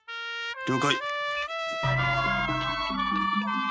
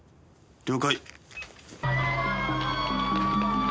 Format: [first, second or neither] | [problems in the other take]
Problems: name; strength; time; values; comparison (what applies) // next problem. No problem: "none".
second | noise reduction (classical method spectral subtraction)